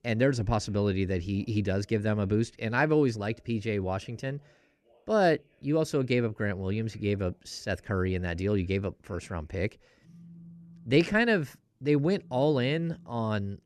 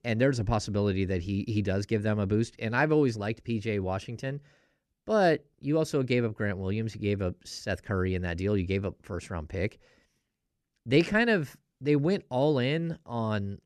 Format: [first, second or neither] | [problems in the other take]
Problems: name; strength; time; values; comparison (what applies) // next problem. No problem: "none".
second | alarms or sirens; faint; throughout; 30 dB below the speech